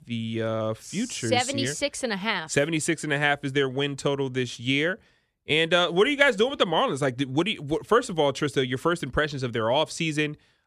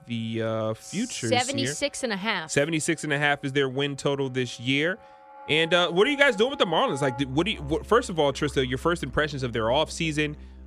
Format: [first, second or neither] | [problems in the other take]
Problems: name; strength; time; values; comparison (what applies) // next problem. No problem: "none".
first | background music; noticeable; throughout; 20 dB below the speech